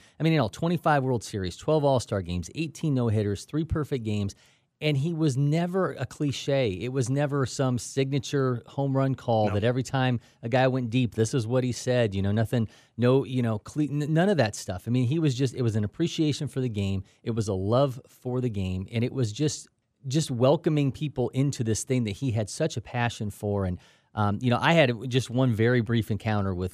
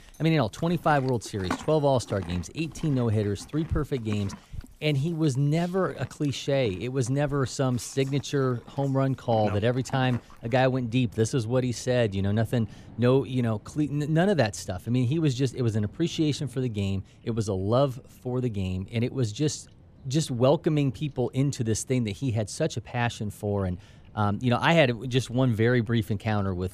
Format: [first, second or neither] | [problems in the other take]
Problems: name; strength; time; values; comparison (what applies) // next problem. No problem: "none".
first | animal sounds; faint; throughout; 20 dB below the speech